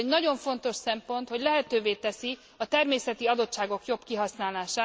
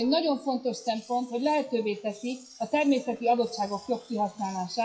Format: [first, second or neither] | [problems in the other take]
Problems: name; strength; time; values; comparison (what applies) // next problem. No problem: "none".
first | noise reduction (classical method WPE with log-MMSE)